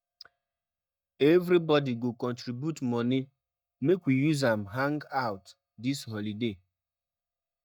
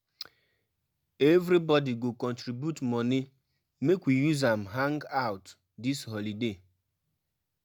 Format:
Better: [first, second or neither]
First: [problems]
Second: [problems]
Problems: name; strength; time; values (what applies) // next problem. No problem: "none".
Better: second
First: noise reduction (neural mask model DeepFilterNet 3)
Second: none